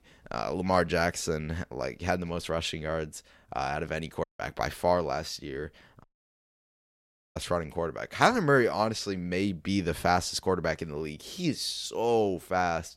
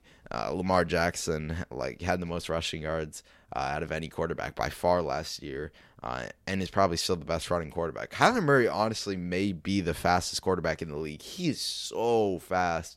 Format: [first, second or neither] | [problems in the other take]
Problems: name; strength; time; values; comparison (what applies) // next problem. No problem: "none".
second | audio cutting out; at 4 s and at 6 s for 1.5 s